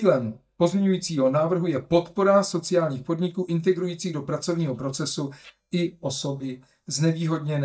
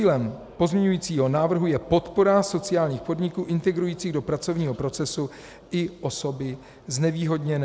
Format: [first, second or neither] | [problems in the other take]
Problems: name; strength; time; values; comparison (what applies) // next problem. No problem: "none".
second | noise reduction (neural mask model DeepFilterNet 3)